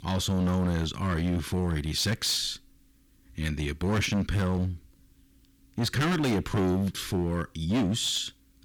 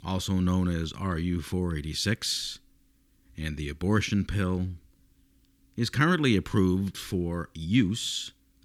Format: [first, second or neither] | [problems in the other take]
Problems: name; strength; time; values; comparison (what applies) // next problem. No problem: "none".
second | distortion; heavy; 14% of the sound clipped